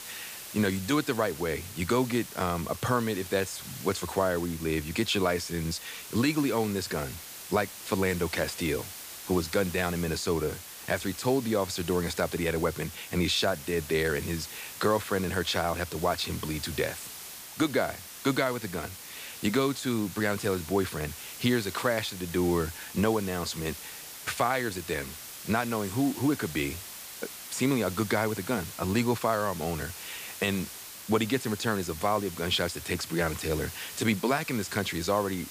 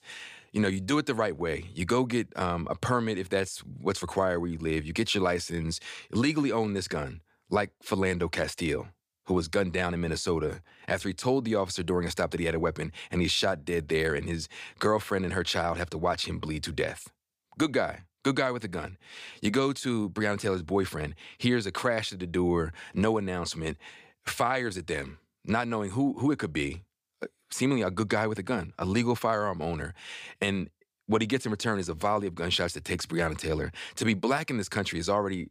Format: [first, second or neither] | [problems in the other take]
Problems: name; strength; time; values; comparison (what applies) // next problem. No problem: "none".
second | hiss; noticeable; throughout; 10 dB below the speech